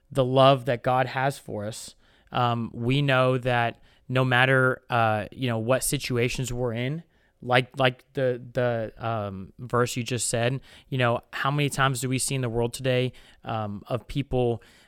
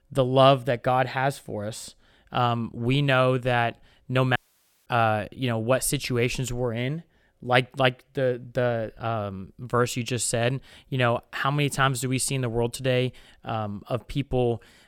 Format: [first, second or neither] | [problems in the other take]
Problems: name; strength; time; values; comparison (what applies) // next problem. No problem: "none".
first | audio cutting out; at 4.5 s for 0.5 s